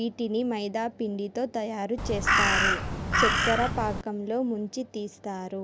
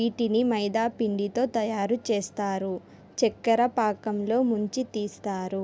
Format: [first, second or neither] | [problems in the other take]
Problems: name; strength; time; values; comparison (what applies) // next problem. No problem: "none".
second | background sound (Crow); 5 dB above the speech